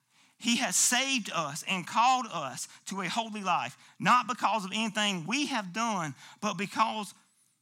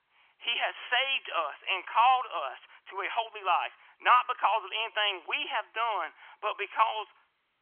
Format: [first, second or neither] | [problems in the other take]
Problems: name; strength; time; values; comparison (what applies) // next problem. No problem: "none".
first | phone-call audio; nothing above 3.5 kHz